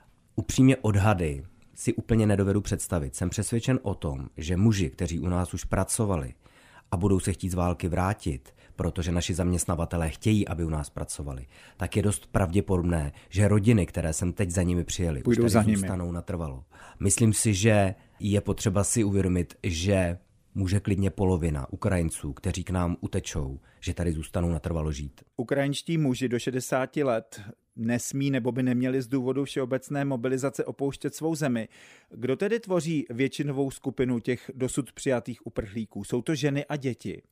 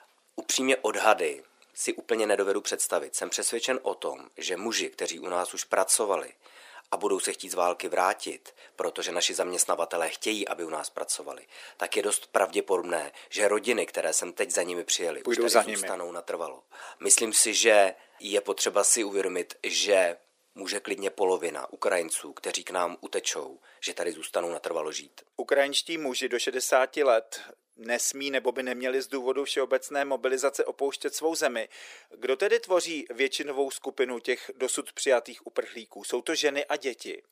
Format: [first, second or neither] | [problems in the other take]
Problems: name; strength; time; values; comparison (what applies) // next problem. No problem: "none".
first | thin; very; fading below 400 Hz